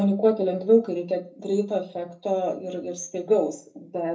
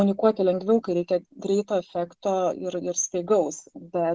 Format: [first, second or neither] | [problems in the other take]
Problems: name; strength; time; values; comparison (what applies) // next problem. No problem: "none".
second | room echo; dies away in 0.3 s